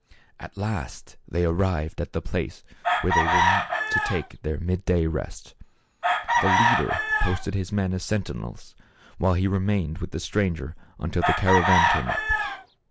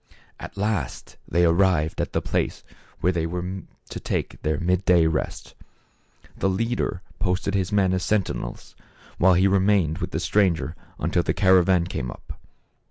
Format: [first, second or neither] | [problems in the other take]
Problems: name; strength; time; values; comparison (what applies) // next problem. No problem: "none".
second | background sound (Chicken, rooster); 2 dB above the speech